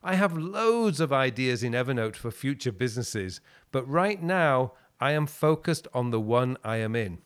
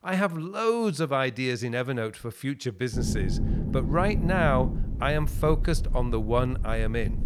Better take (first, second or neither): first